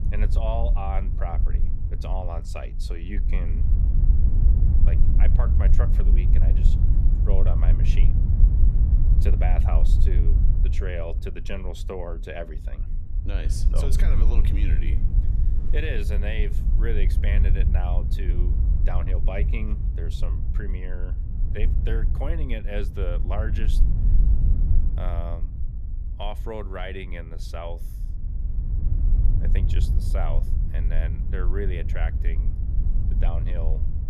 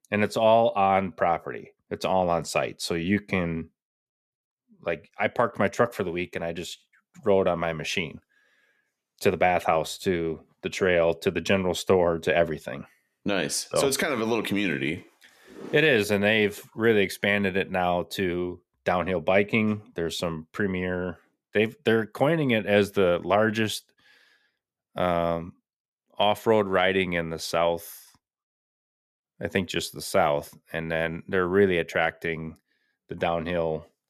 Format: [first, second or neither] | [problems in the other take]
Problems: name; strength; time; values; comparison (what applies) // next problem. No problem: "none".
second | wind noise on the microphone; heavy; 6 dB below the speech